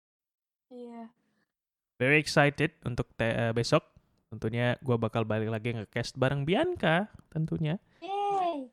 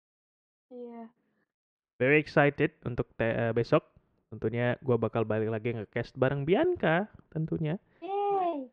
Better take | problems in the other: first | muffled; slightly; fading above 2 kHz

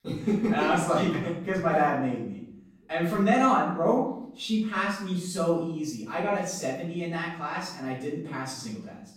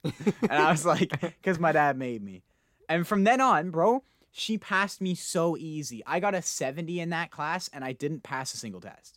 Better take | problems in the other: second | off-mic speech; far // room echo; noticeable; dies away in 0.7 s

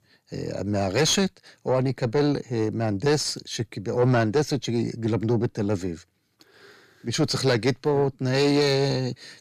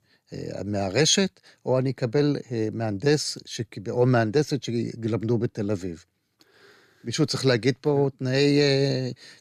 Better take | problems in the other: second | distortion; slight; 10 dB below the speech

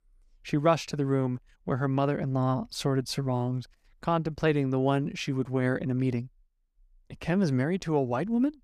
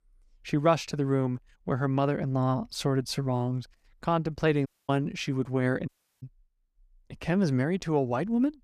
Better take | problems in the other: first | audio cutting out; at 4.5 s and at 6 s

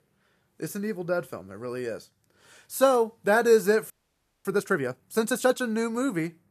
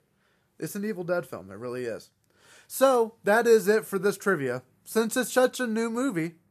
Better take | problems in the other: second | audio freezing; at 4 s for 0.5 s

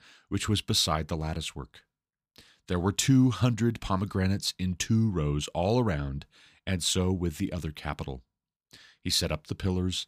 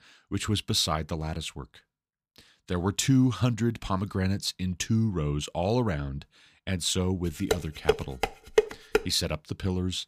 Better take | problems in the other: first | clattering dishes; loud; from 7.5 to 9 s; peak 2 dB above the speech

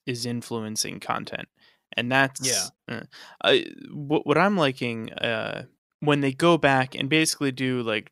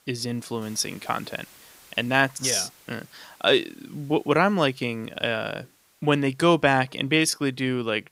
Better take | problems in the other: first | hiss; faint; throughout; 30 dB below the speech

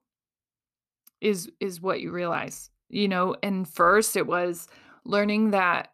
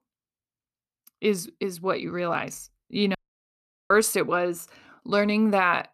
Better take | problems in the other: first | audio cutting out; at 3 s for 1 s

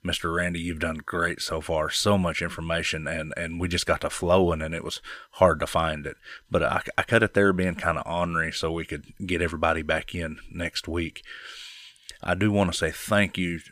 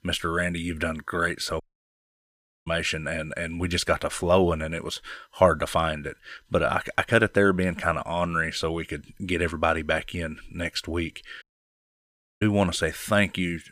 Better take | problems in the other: first | audio cutting out; at 1.5 s for 1 s and at 11 s for 1 s

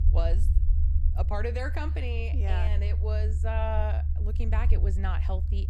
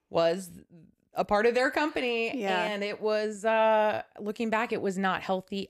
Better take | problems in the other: second | low rumble; loud; throughout; 10 dB below the speech

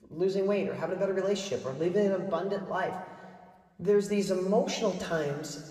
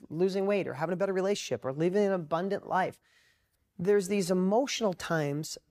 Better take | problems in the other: second | room echo; slight; dies away in 1.7 s

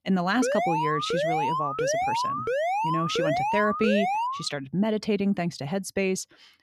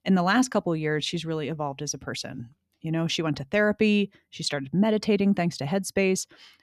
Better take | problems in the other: second | alarm; loud; until 4.5 s; peak 2 dB above the speech

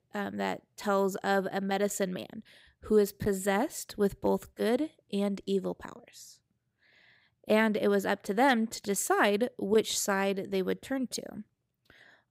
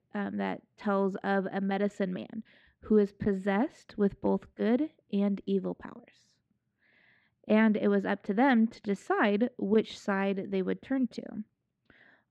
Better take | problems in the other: first | muffled; slightly; fading above 2.5 kHz

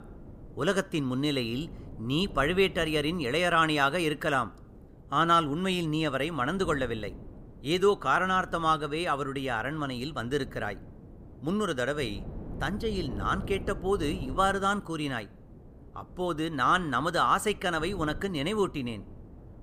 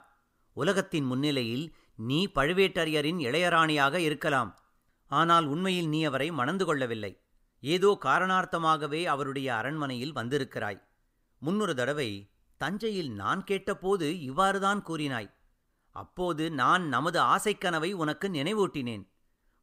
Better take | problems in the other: second | wind noise on the microphone; occasional gusts; 25 dB below the speech

